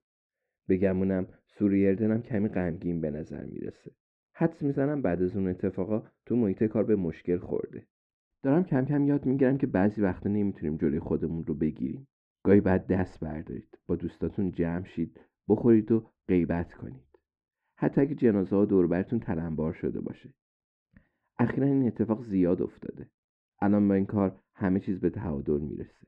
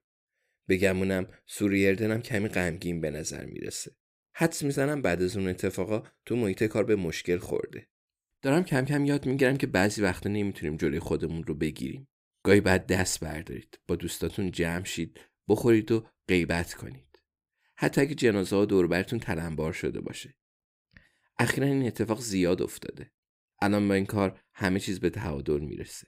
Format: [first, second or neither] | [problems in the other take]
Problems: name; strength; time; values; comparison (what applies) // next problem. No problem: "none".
second | muffled; very; fading above 1 kHz